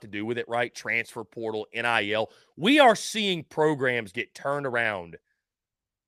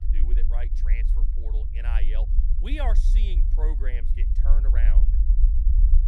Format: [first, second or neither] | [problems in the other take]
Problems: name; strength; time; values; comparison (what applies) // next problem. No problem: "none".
first | low rumble; loud; throughout; 7 dB below the speech